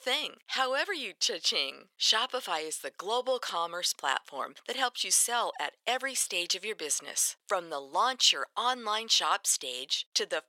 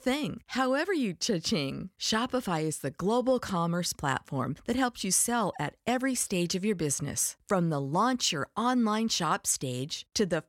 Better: second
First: thin; very; fading below 550 Hz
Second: none

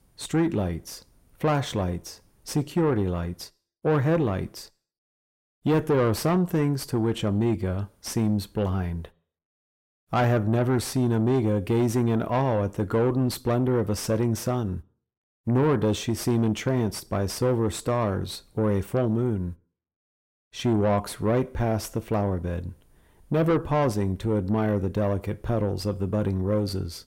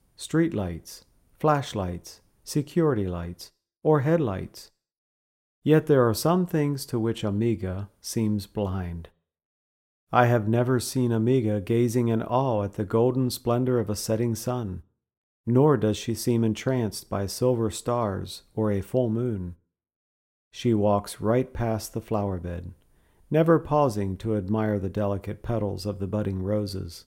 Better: second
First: distortion; slight; 10 dB below the speech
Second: none

